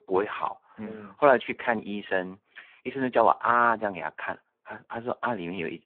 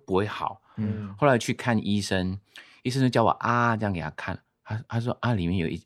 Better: second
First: phone-call audio; poor line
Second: none

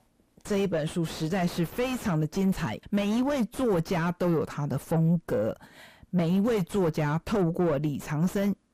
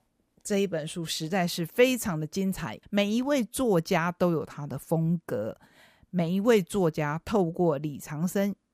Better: second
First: distortion; heavy; 5 dB below the speech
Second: none

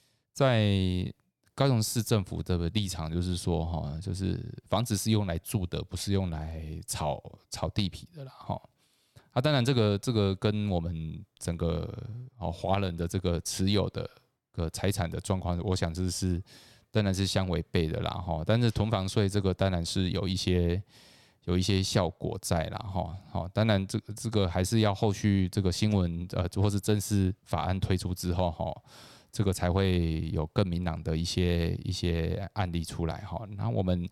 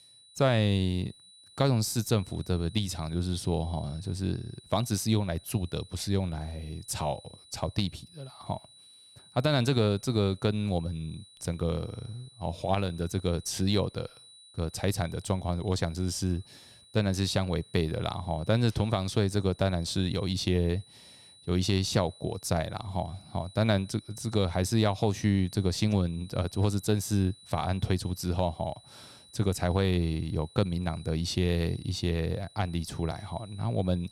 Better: first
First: none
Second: high-pitched whine; faint; throughout; 4 kHz, 20 dB below the speech

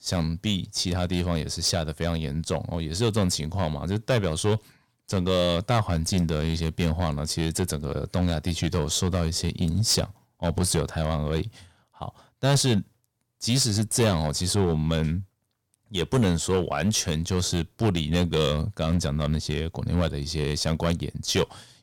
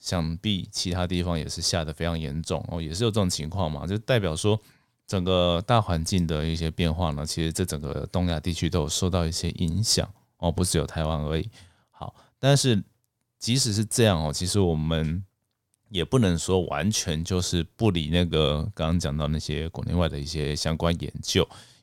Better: second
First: distortion; slight; 4% of the sound clipped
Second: none

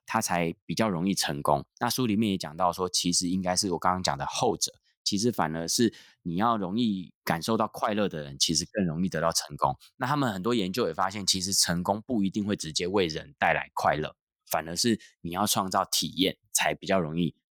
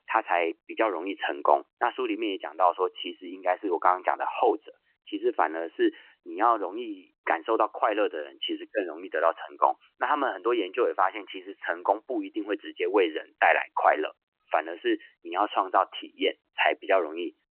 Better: first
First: none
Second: phone-call audio; nothing above 3 kHz

